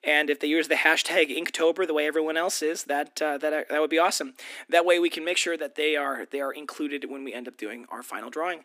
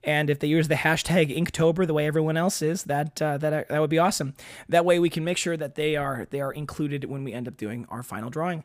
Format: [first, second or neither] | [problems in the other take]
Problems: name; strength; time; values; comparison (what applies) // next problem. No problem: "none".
second | thin; somewhat; fading below 250 Hz